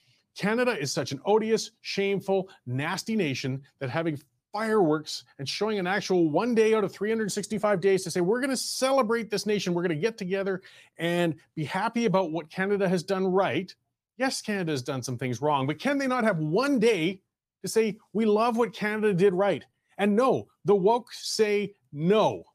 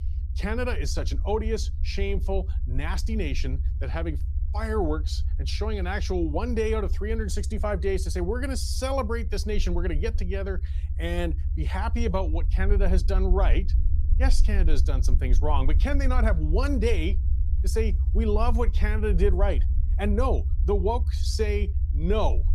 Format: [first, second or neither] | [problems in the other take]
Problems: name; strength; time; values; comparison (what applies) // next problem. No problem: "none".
first | low rumble; noticeable; throughout; 15 dB below the speech